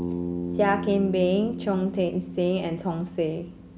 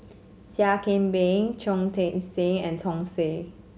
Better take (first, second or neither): second